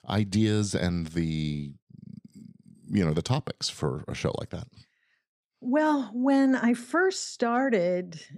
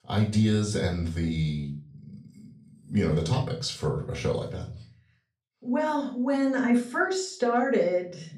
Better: first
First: none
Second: off-mic speech; far // room echo; slight; dies away in 0.3 s

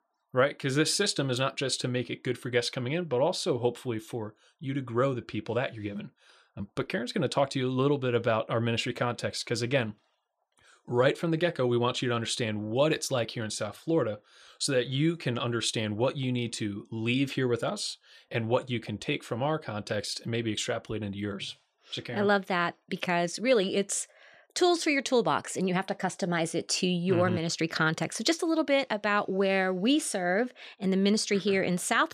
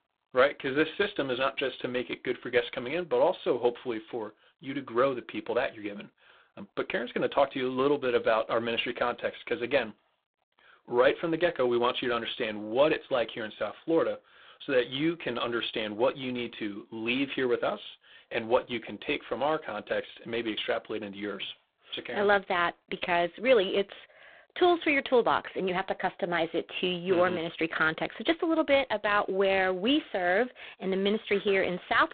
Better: first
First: none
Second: phone-call audio; poor line; nothing above 3.5 kHz

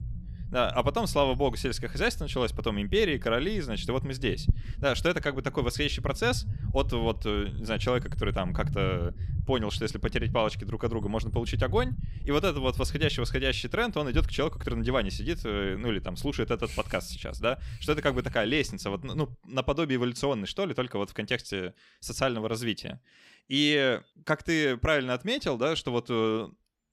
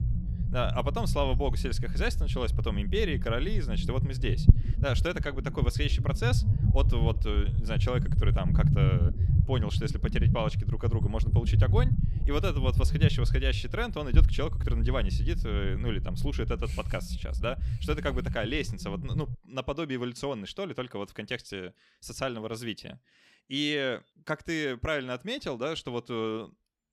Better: first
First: low rumble; faint; until 19 s; 20 dB below the speech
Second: low rumble; loud; until 19 s; 9 dB below the speech

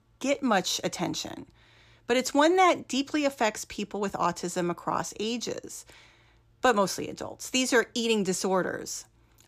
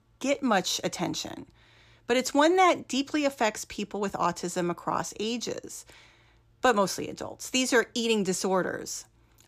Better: neither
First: none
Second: none

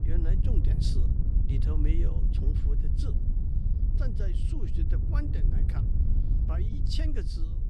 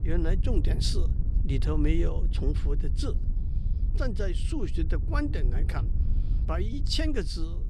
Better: second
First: wind noise on the microphone; heavy; 1 dB below the speech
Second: wind noise on the microphone; occasional gusts; 10 dB below the speech

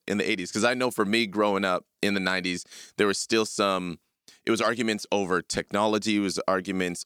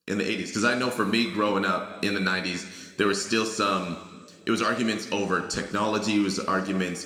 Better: first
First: none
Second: room echo; slight; dies away in 1.6 s

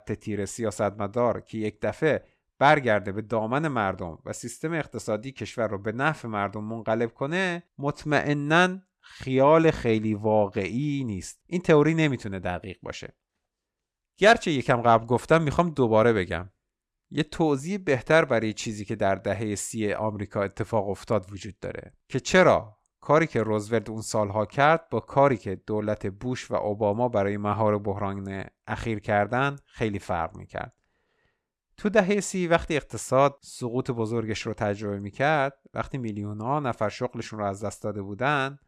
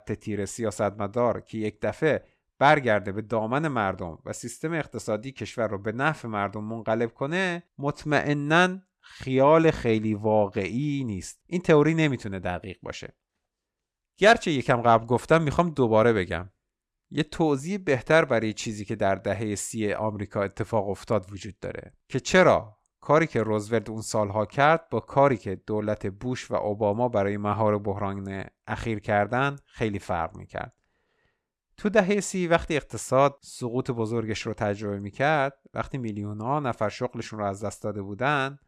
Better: neither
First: none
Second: none

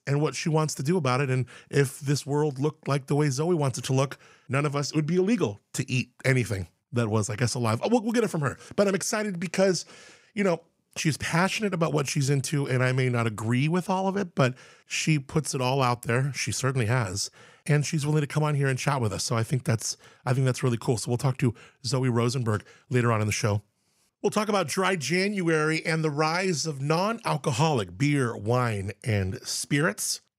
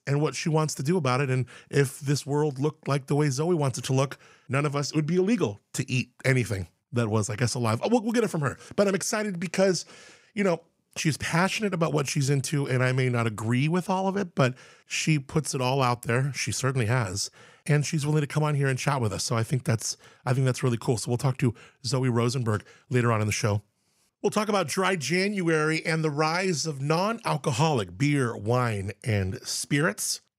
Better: neither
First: none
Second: none

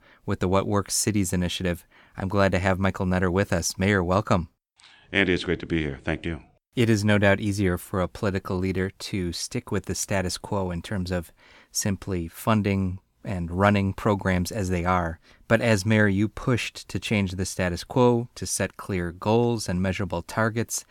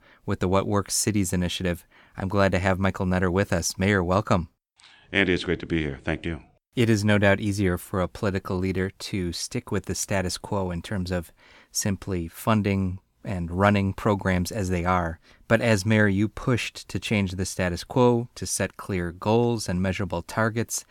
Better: neither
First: none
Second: none

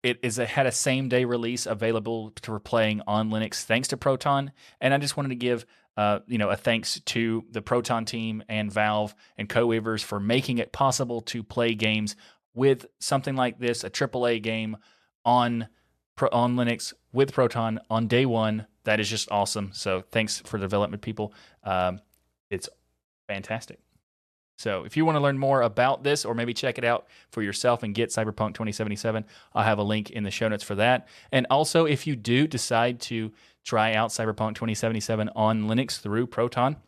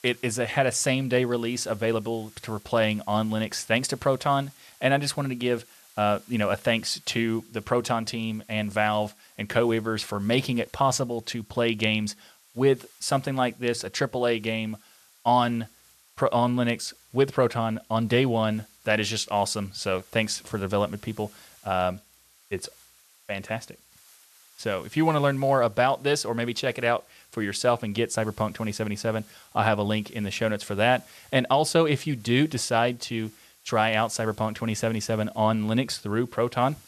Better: first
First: none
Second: hiss; faint; throughout; 25 dB below the speech

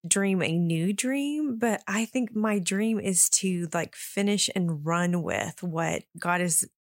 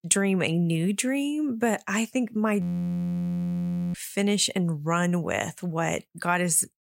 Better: first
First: none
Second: audio freezing; at 2.5 s for 1.5 s

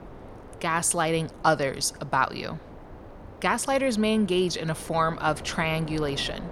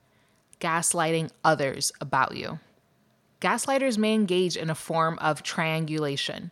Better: second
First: wind noise on the microphone; occasional gusts; 20 dB below the speech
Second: none

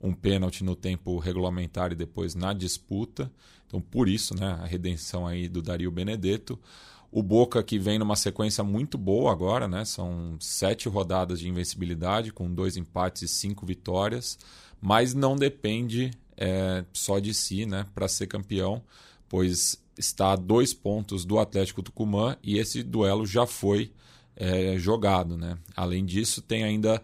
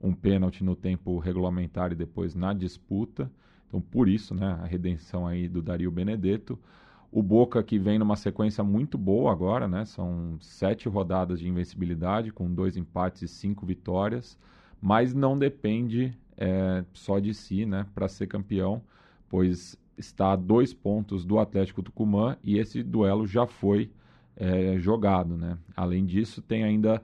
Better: first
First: none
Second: muffled; very; fading above 2 kHz

